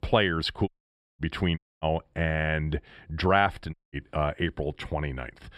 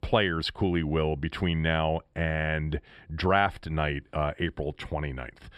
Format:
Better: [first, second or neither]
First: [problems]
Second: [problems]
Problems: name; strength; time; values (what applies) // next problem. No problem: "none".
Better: second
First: audio cutting out; at 0.5 s for 0.5 s, at 1.5 s and at 3.5 s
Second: none